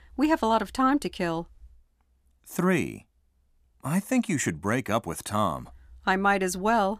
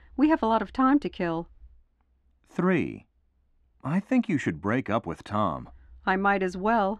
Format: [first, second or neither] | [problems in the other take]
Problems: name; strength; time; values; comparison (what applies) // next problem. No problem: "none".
first | muffled; slightly; fading above 3 kHz